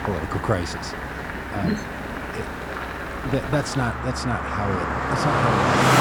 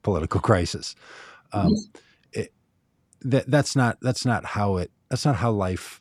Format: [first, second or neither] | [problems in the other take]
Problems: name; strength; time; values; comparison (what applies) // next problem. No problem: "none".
second | traffic noise; very loud; throughout; 2 dB above the speech